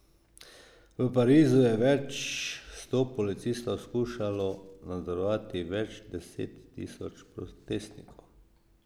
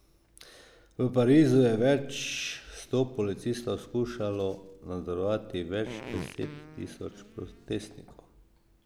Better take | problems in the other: first | background sound (Fart); 14 dB below the speech

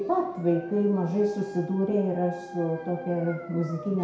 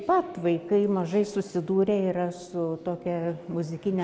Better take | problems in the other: second | background sound (Dog); 18 dB below the speech // room echo; dies away in 0.6 s

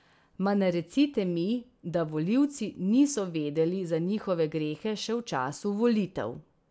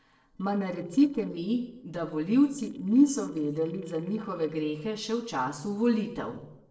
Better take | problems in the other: first | noise reduction (neural separator model SepFormer DNS4)

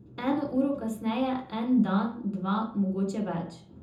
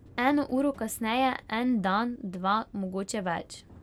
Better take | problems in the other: second | room echo; dies away in 0.5 s

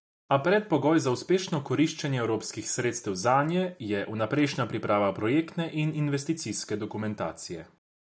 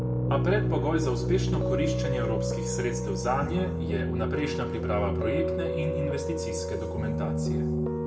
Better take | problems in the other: first | background sound (Piano); 3 dB above the speech // room echo; dies away in 1.1 s

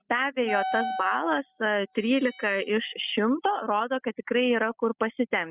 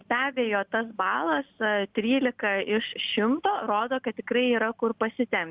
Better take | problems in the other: second | noise reduction (classical method spectral subtraction)

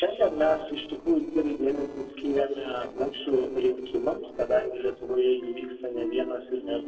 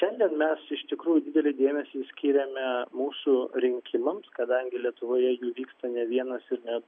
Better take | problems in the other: second | noise reduction (neural separator model SepFormer DNS4)

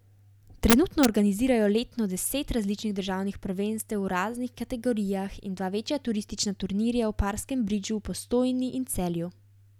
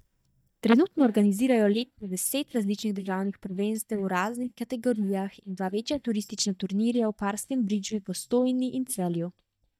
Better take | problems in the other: first | noise reduction (neural mask model DeepFilterNet 3)

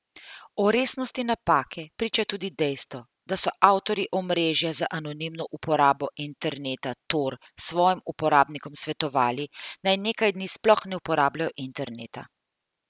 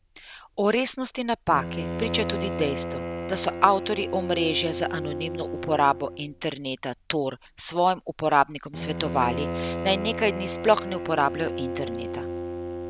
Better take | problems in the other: first | background sound (Bowed string instrument); 6 dB below the speech

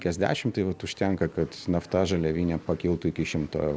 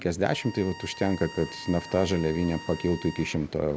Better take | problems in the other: first | background sound (Bowed string instrument); 16 dB below the speech

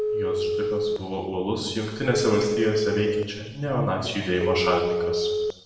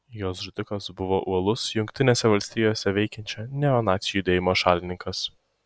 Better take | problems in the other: second | background sound (Telephone); 1 dB below the speech // room echo; dies away in 1.2 s

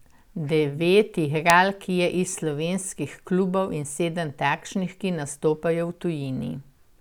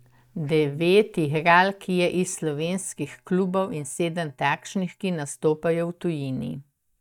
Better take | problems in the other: first | noise reduction (neural mask model DeepFilterNet 3)

